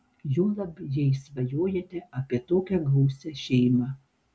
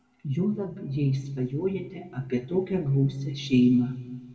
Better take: first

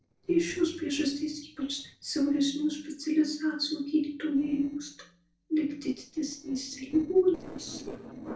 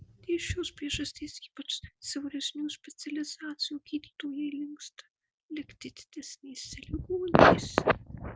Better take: second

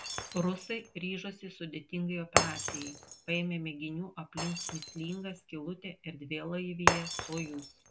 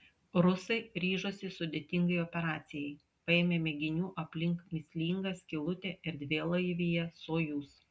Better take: second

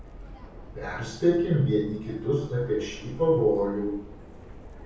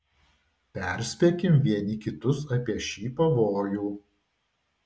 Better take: second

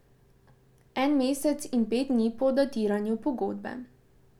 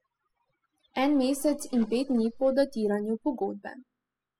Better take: first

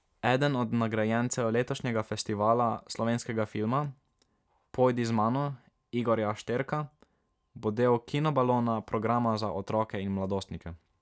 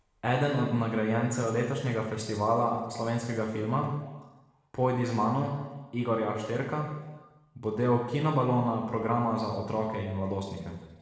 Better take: first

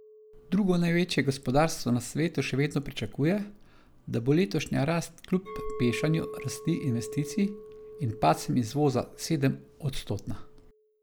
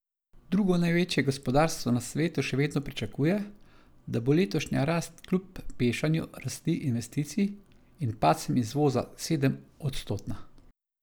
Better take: second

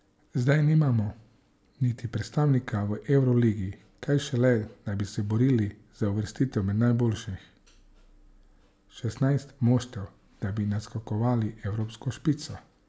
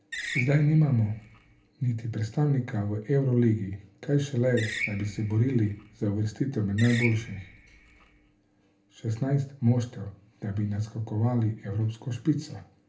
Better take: first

